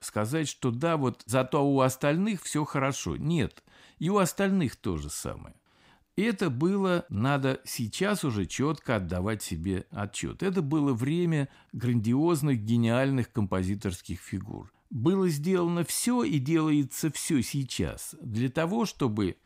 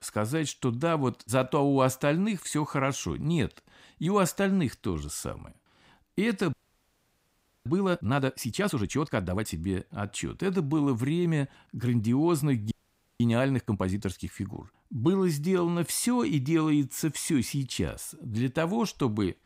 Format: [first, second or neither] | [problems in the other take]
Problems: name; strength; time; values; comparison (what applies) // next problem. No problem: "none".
first | audio freezing; at 6.5 s for 1 s and at 13 s